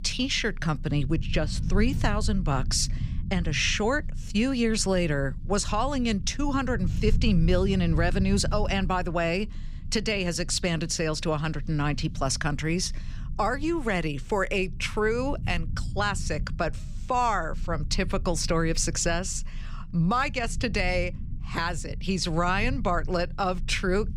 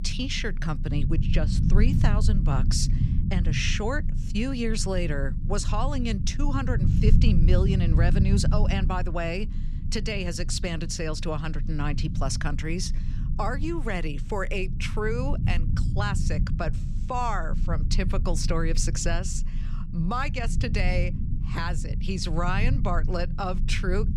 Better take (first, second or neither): first